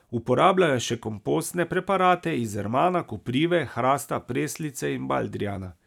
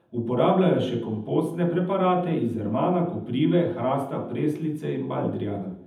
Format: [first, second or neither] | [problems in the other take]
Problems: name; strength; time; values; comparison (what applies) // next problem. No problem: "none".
first | room echo; dies away in 0.8 s